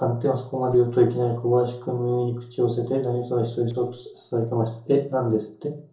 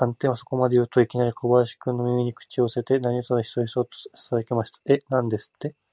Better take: second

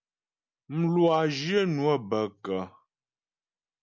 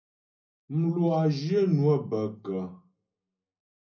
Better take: first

